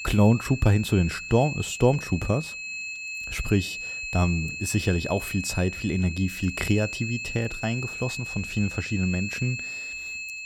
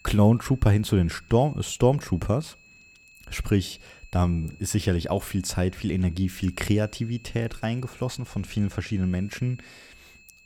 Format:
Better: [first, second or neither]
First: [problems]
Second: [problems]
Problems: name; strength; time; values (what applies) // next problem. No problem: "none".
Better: second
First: high-pitched whine; loud; throughout; 2.5 kHz, 7 dB below the speech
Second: high-pitched whine; faint; throughout; 2.5 kHz, 25 dB below the speech